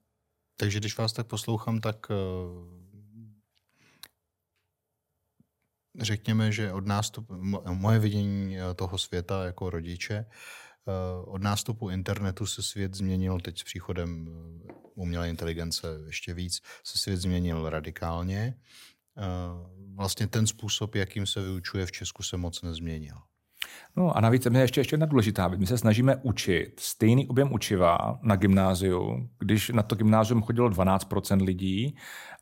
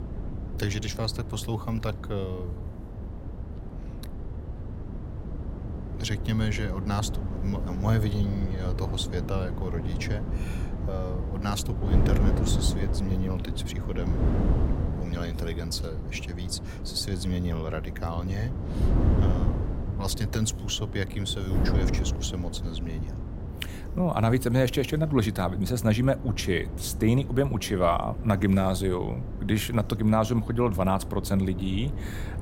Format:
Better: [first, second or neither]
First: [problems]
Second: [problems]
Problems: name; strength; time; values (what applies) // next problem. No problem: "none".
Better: first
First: none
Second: wind noise on the microphone; heavy; 9 dB below the speech